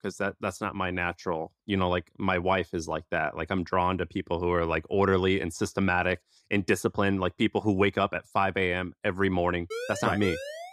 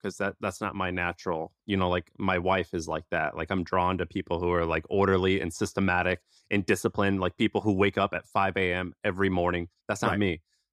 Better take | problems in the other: second | siren; noticeable; from 9.5 s on; peak 8 dB below the speech

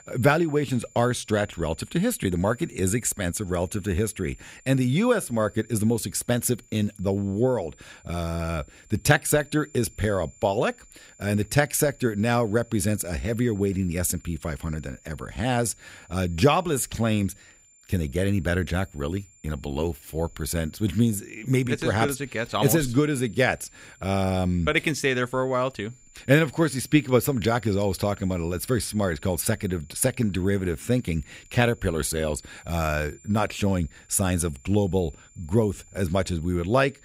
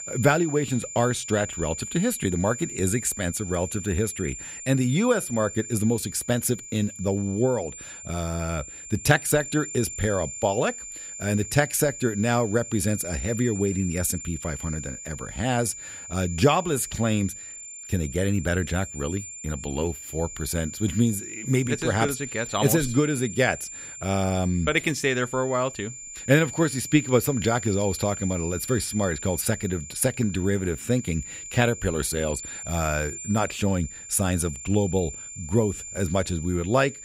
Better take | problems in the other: first | high-pitched whine; loud; throughout; 7 kHz, 10 dB below the speech; faint in the first

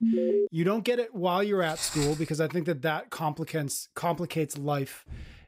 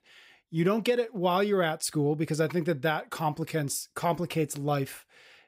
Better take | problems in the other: second | alarm; loud; at the start; peak 4 dB above the speech // footsteps; noticeable; at 1.5 s; peak 4 dB below the speech // door banging; faint; at 5 s; peak 15 dB below the speech

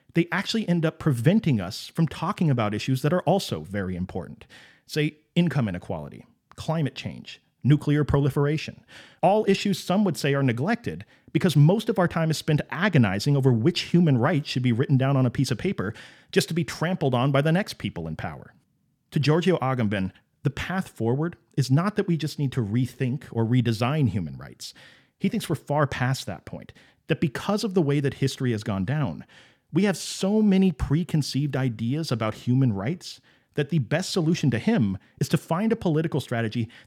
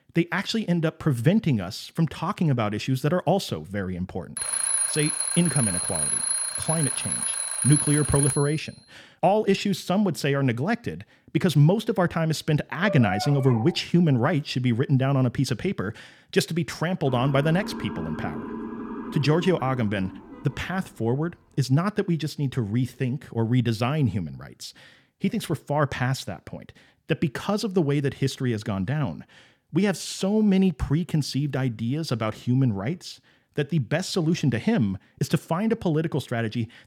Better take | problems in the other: first | alarm; loud; from 4.5 to 8.5 s; peak 3 dB above the speech // dog barking; noticeable; at 13 s; peak 6 dB below the speech // siren; noticeable; from 17 to 21 s; peak 9 dB below the speech

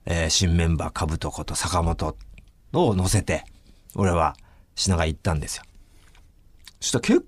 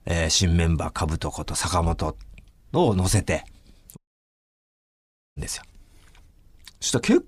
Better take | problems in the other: first | audio cutting out; at 4 s for 1.5 s

